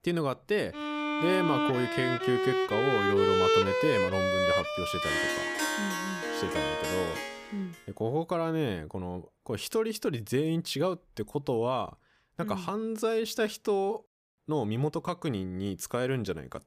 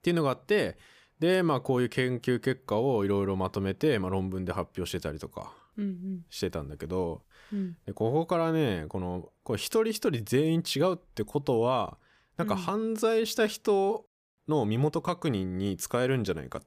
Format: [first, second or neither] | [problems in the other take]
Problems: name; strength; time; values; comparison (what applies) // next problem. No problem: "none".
second | background music; very loud; until 7.5 s; 3 dB above the speech